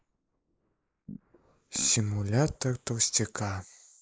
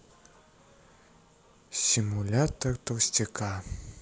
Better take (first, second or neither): second